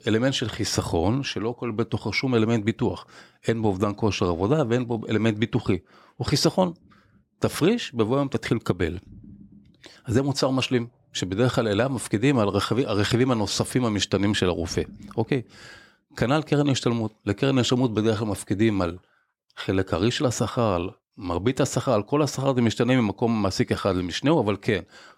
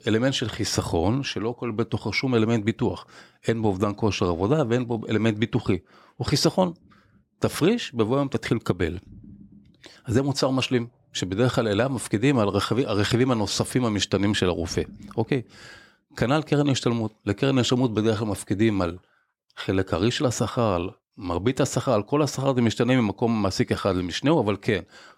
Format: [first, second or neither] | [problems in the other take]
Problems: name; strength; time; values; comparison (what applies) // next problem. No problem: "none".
neither | none